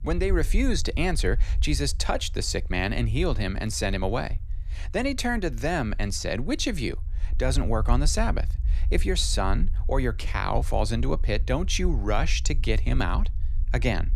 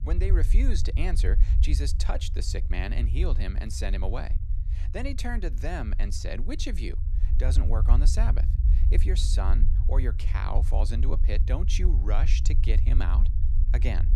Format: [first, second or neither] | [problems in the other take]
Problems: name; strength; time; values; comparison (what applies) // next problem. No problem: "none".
first | low rumble; loud; throughout; 9 dB below the speech; faint in the first